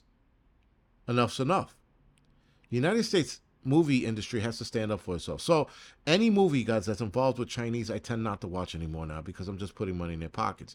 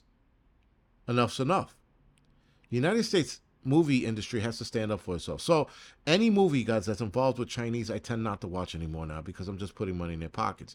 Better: neither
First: none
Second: none

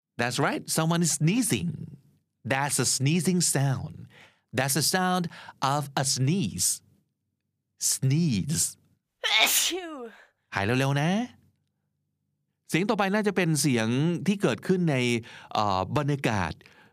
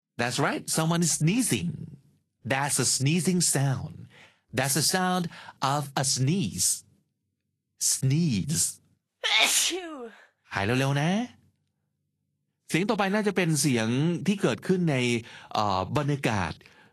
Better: first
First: none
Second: garbled, watery; slightly; nothing above 12 kHz

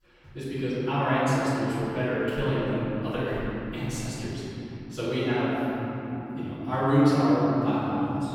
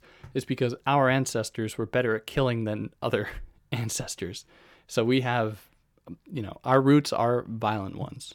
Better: second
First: off-mic speech; far // room echo; strong; dies away in 3 s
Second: none

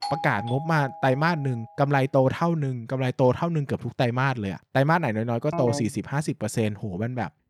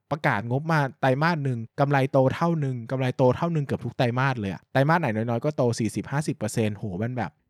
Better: second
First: doorbell; noticeable; until 1.5 s; peak 7 dB below the speech // phone ringing; noticeable; at 5.5 s; peak 6 dB below the speech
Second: none

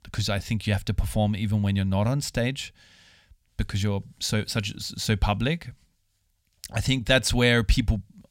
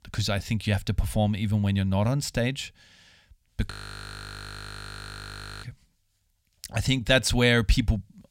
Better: first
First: none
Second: audio freezing; at 3.5 s for 2 s

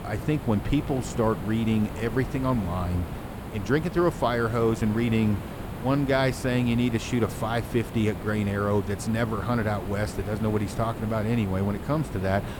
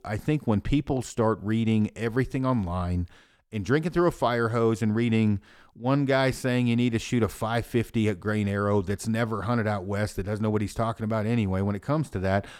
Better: second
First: hiss; loud; throughout; 10 dB below the speech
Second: none

